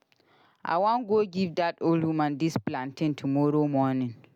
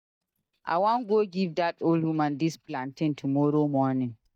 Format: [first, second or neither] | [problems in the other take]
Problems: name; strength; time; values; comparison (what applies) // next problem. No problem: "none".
first | noise reduction (neural mask model DeepFilterNet 3)